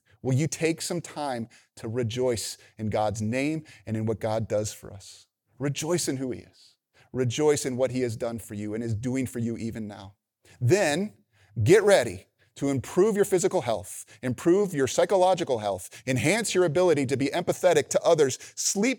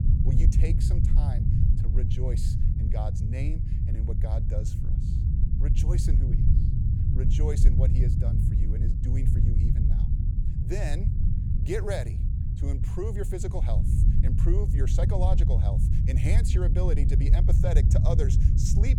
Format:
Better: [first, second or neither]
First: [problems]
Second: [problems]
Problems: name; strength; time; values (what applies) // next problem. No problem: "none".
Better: first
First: none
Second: low rumble; loud; throughout; 2 dB below the speech